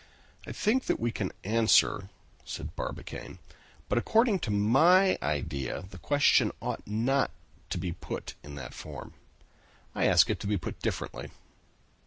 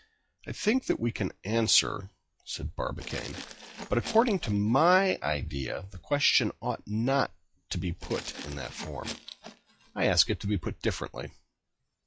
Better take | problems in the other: first | noise reduction (classical method log-MMSE)

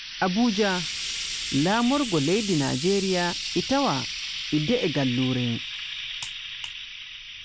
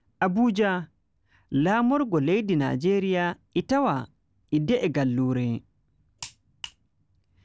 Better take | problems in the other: second | background sound (Frying (food)); 6 dB below the speech

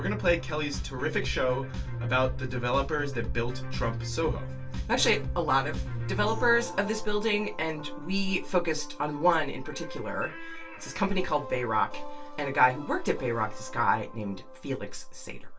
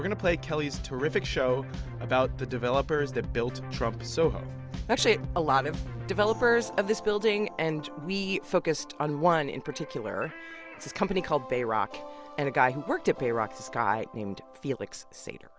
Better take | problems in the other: second | room echo; dies away in 0.2 s

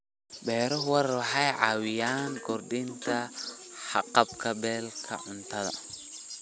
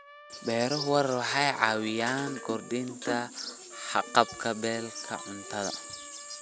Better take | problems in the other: first | background sound (Trumpet); 19 dB below the speech

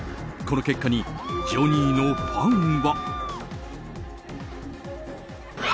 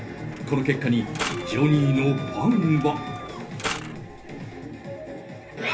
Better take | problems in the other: first | background sound (Mechanisms); 12 dB below the speech // room echo; dies away in 0.3 s

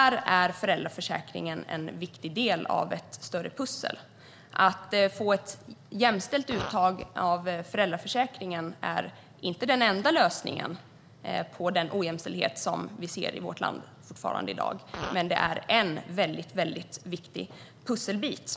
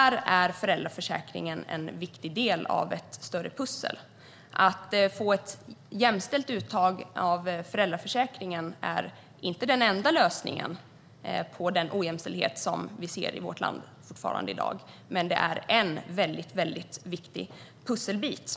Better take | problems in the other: second | background sound (Fart); 13 dB below the speech

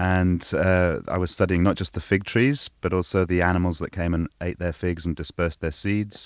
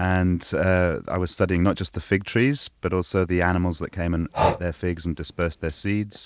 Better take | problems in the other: first | background sound (Breathing); 7 dB below the speech

